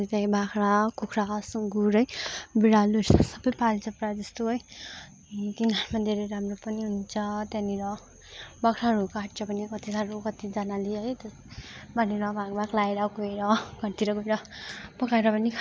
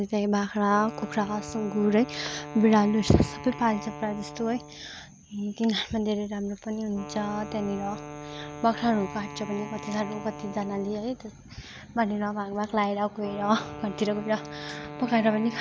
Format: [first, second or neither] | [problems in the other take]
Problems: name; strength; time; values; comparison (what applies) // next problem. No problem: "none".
first | background sound (Wind instrument, woodwind instrument); 13 dB below the speech